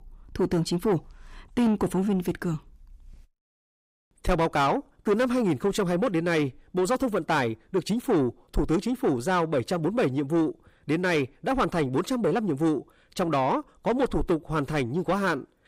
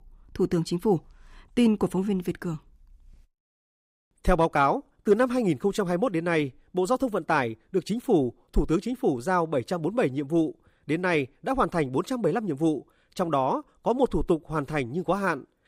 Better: second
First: distortion; slight; 10 dB below the speech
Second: none

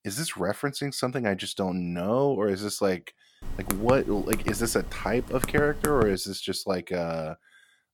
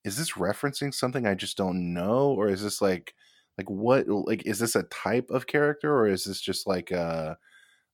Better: second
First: keyboard typing; noticeable; from 3.5 to 6 s; peak 4 dB below the speech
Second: none

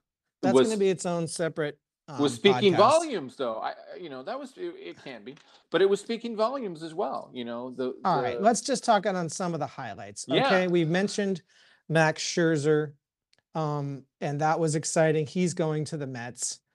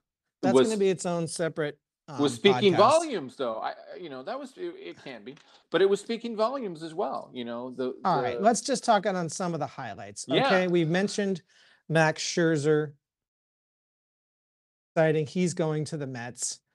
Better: first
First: none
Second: audio cutting out; at 13 s for 1.5 s

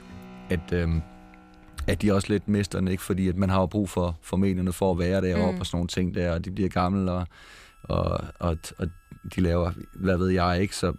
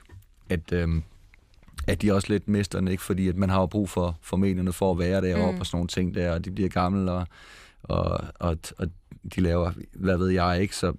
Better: second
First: background music; faint; throughout; 25 dB below the speech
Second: none

